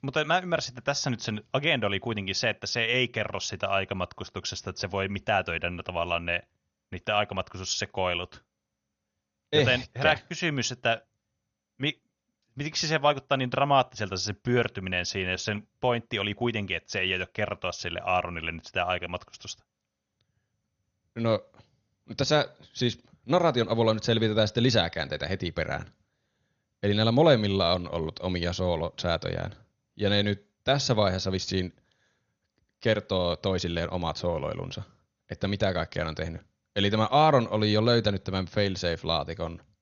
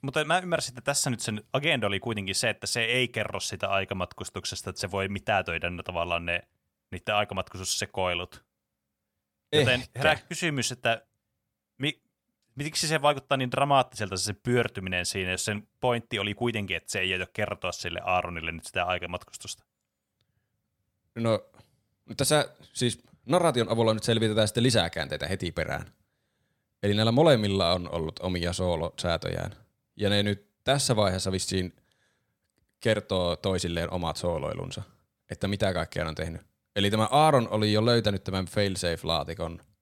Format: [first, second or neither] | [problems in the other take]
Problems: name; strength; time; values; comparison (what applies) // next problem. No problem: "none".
second | garbled, watery; slightly; nothing above 6.5 kHz